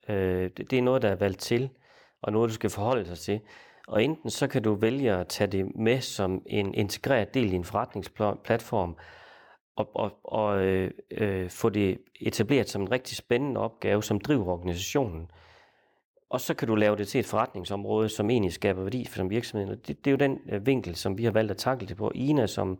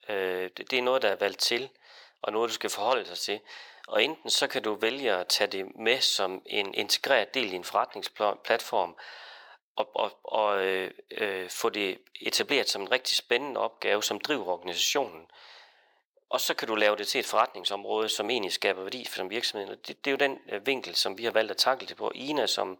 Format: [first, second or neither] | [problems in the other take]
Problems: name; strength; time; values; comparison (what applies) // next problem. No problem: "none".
first | thin; somewhat; fading below 600 Hz